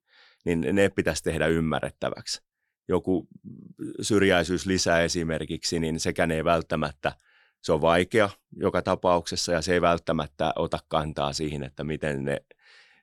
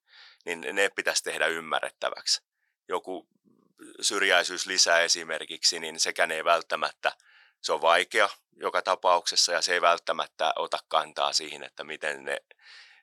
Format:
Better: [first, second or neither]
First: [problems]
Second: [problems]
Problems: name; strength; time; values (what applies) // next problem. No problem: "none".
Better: first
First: none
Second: thin; very; fading below 850 Hz